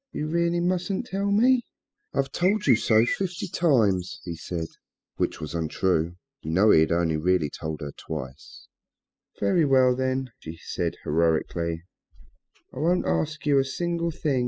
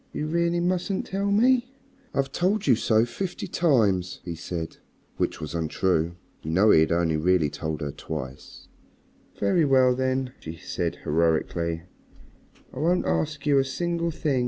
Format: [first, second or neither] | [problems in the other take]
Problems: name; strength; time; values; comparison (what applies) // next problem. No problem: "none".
second | noise reduction (classical method spectral subtraction)